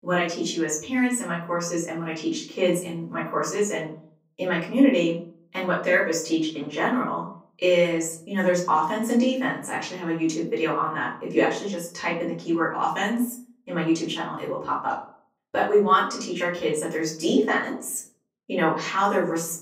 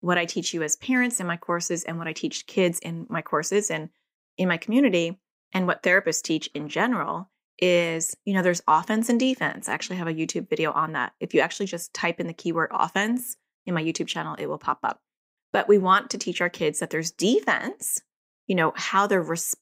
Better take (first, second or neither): second